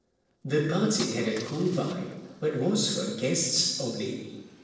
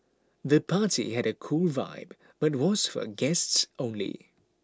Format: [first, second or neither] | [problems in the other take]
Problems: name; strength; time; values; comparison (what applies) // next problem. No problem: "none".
second | noise reduction (neural separator model SepFormer DNS4)